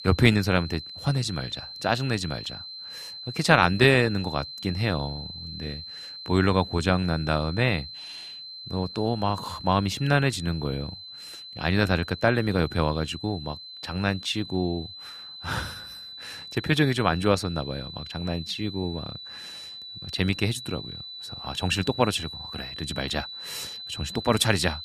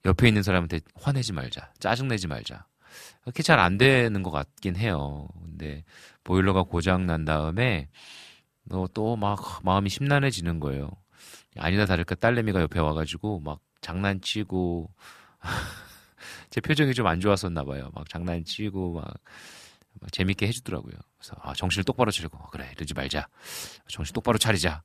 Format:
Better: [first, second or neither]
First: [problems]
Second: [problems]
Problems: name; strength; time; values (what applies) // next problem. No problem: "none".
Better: second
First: high-pitched whine; noticeable; throughout; 4 kHz, 10 dB below the speech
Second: none